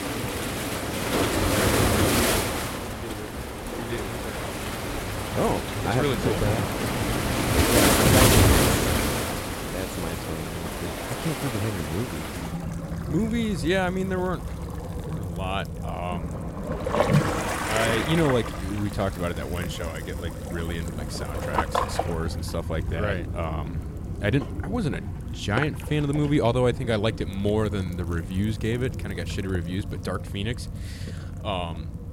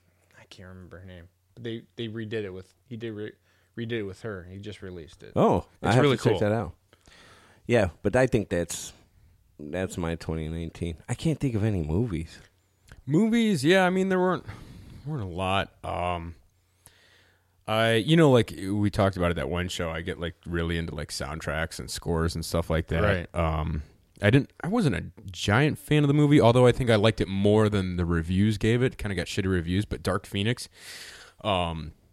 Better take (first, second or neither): second